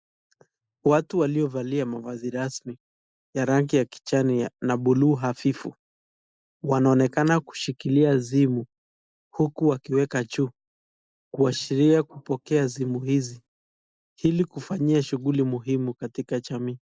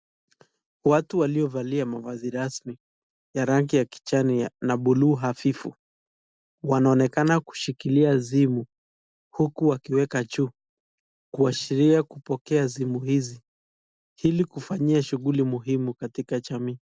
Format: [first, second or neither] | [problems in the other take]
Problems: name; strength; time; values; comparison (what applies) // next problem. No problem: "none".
second | noise reduction (neural mask model Resemble Enhance denoiser)